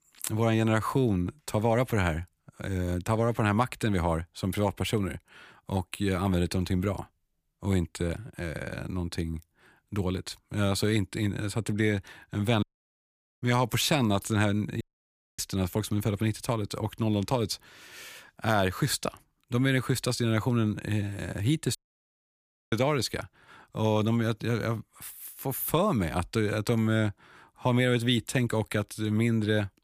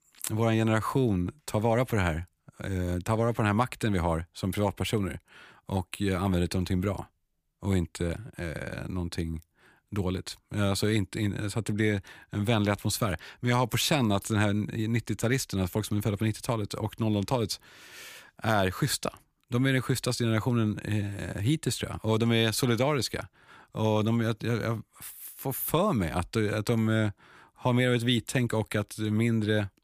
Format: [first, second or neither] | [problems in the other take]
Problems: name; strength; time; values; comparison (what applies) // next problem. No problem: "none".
second | audio cutting out; at 13 s for 1 s, at 15 s for 0.5 s and at 22 s for 1 s